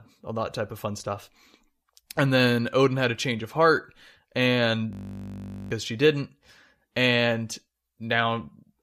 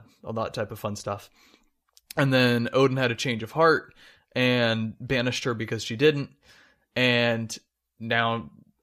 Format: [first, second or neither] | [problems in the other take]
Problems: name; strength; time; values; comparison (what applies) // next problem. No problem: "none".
second | audio freezing; at 5 s for 1 s